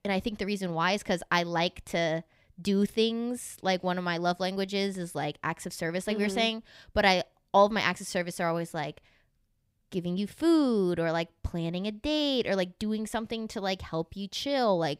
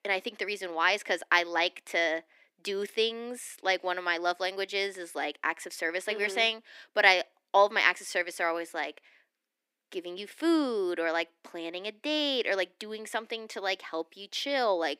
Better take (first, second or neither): first